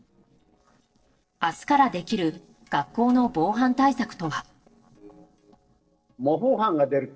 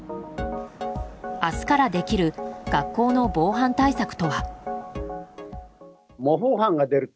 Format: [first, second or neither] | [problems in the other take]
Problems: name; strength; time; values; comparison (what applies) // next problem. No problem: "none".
second | noise reduction (neural separator model SepFormer DNS4)